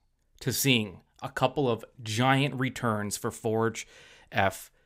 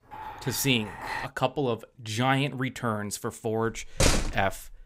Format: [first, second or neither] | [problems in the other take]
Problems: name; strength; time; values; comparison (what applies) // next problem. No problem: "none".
first | clattering dishes; noticeable; until 1.5 s; peak 5 dB below the speech // door banging; loud; at 4 s; peak 4 dB above the speech